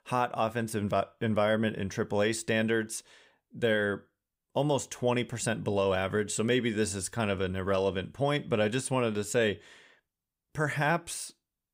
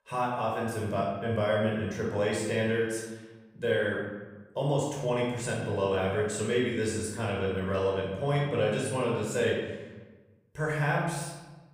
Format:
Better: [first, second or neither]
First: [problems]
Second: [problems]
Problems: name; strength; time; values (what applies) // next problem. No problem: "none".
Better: first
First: none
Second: off-mic speech; far // room echo; noticeable; dies away in 1.1 s